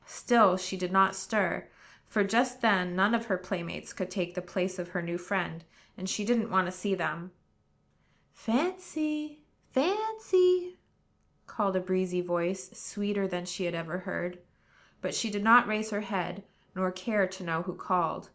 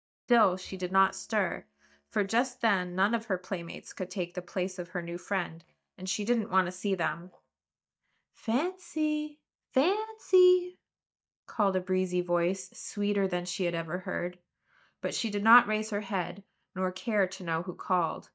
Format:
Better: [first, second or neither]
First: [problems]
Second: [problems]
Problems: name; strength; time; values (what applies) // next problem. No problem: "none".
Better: first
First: none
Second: noise reduction (neural mask model DeepFilterNet 3)